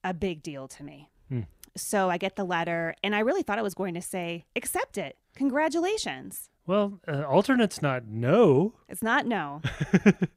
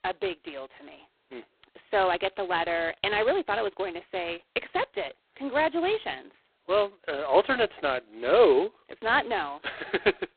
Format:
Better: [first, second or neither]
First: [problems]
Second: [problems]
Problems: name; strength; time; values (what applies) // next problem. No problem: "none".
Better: first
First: none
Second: phone-call audio; poor line; nothing above 4 kHz